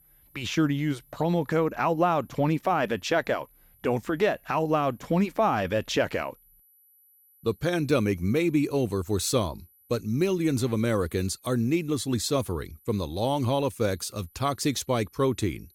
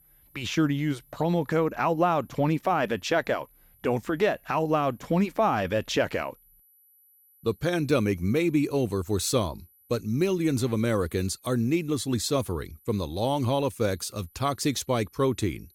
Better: neither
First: high-pitched whine; faint; throughout; 12 kHz, 30 dB below the speech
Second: high-pitched whine; faint; throughout; 12 kHz, 30 dB below the speech

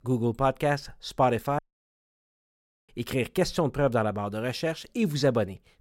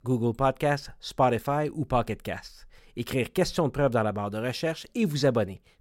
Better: second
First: audio cutting out; at 1.5 s for 1.5 s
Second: none

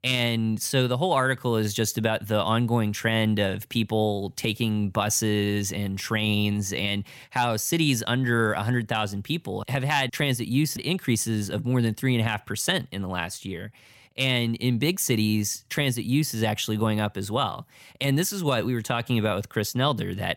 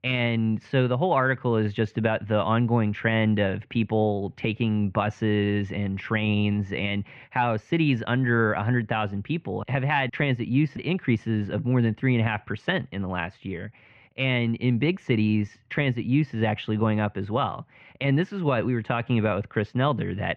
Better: first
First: none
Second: muffled; very; fading above 2.5 kHz

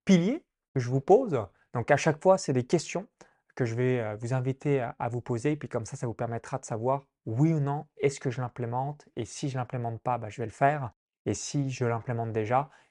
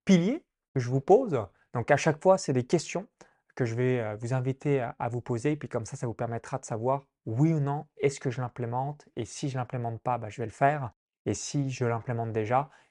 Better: neither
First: none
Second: none

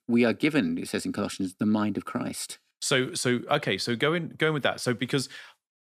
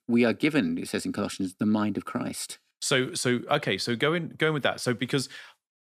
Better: neither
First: none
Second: none

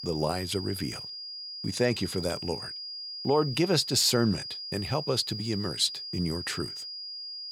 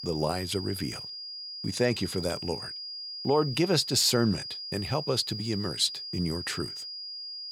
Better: neither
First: high-pitched whine; loud; throughout; 5 kHz, 7 dB below the speech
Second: high-pitched whine; loud; throughout; 5 kHz, 7 dB below the speech

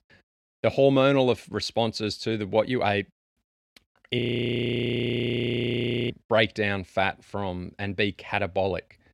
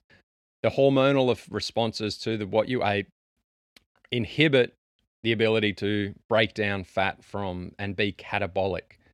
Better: second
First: audio freezing; at 4 s for 2 s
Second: none

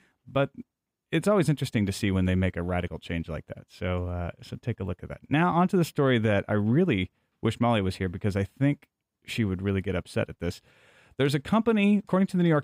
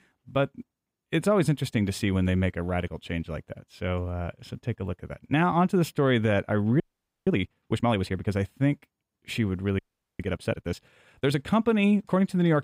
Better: first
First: none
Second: audio freezing; at 7 s and at 10 s

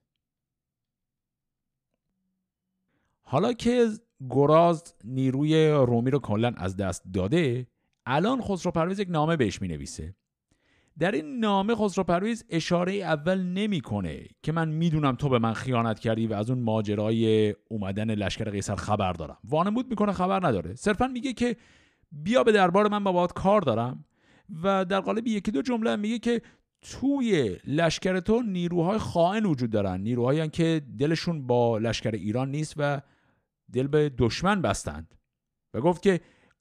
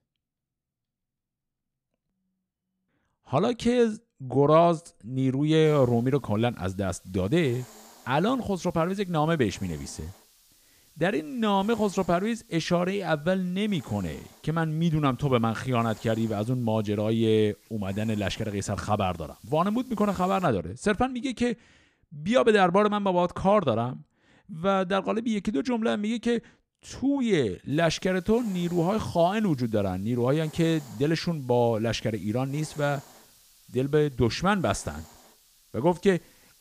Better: first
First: none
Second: hiss; faint; from 5.5 to 20 s and from 28 s on; 25 dB below the speech

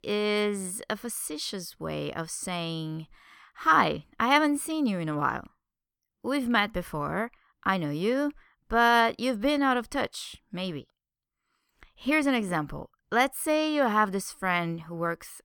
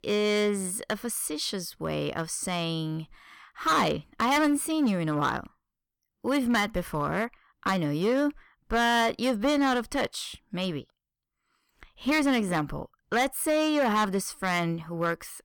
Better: first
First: none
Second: distortion; heavy; 6% of the sound clipped

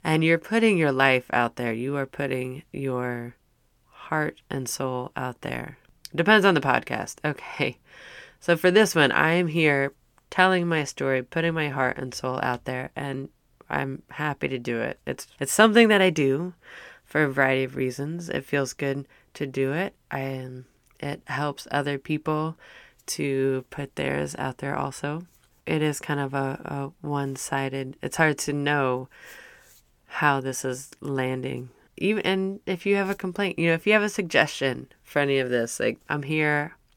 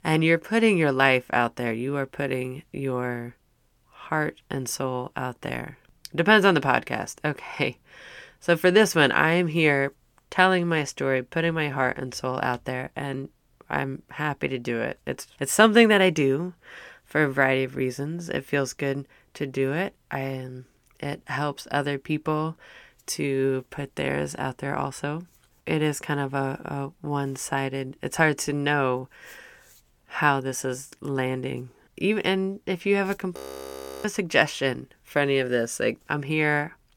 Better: first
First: none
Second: audio freezing; at 33 s for 0.5 s

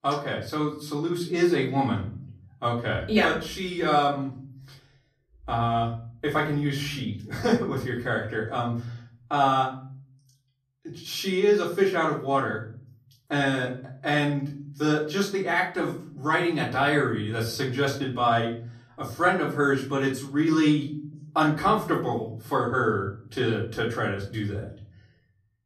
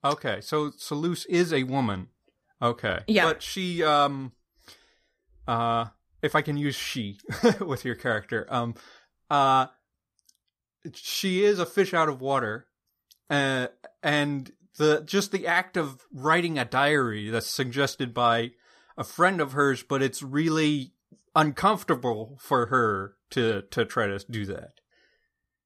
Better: second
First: off-mic speech; far // room echo; slight; dies away in 0.7 s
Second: none

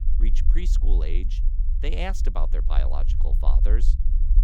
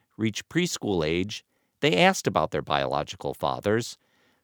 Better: second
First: low rumble; noticeable; throughout; 10 dB below the speech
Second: none

